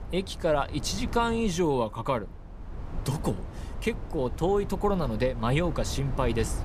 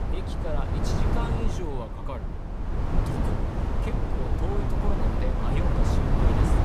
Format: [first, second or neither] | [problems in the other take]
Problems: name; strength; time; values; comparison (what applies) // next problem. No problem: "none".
first | wind noise on the microphone; heavy; 4 dB above the speech; occasional gusts in the first